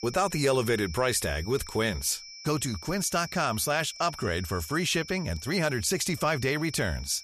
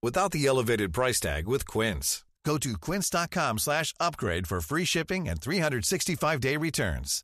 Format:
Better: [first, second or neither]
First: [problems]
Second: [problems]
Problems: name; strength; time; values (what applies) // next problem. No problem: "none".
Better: second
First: high-pitched whine; noticeable; throughout; 5.5 kHz, 15 dB below the speech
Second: none